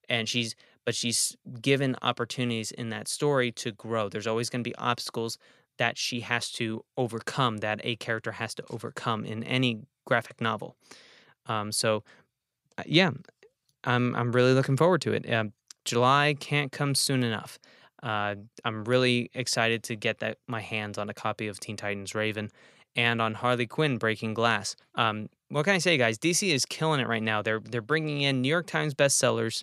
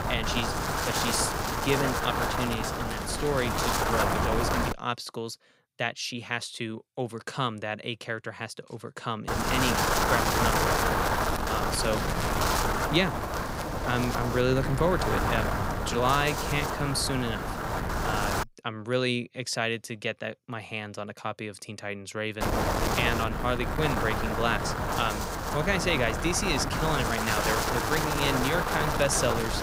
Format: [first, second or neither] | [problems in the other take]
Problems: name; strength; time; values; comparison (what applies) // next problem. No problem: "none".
first | wind noise on the microphone; heavy; until 4.5 s, from 9.5 to 18 s and from 22 s on; 2 dB above the speech